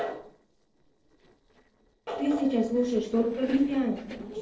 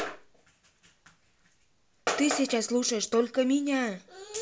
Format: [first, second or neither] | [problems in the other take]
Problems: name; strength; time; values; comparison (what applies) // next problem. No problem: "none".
second | noise reduction (neural separator model SepFormer DNS4)